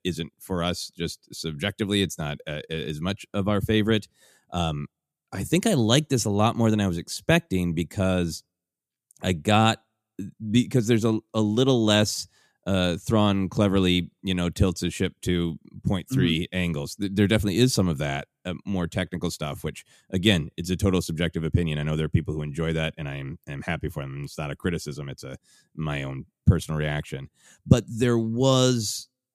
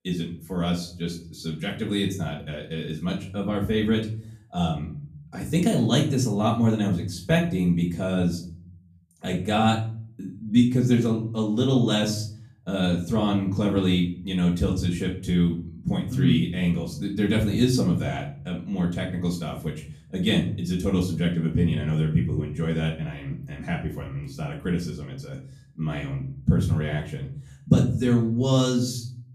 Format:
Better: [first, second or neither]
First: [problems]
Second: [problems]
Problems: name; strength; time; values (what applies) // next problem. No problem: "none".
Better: first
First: none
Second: off-mic speech; far // room echo; slight; dies away in 0.7 s